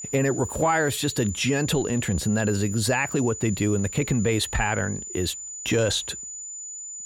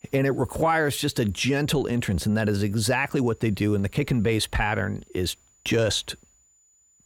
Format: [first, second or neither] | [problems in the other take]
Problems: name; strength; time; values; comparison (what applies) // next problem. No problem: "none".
second | high-pitched whine; loud; throughout; 7 kHz, 9 dB below the speech; faint in the second